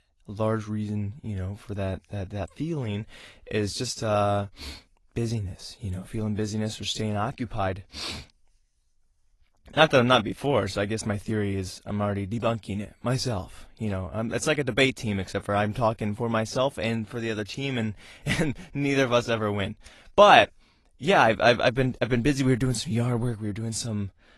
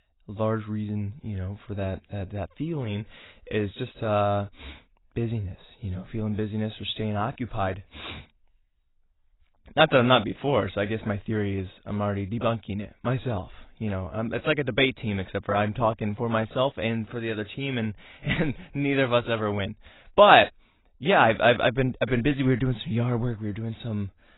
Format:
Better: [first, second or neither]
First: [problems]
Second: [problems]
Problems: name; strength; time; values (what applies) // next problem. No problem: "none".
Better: first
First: garbled, watery; slightly; nothing above 11.5 kHz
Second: garbled, watery; badly; nothing above 4 kHz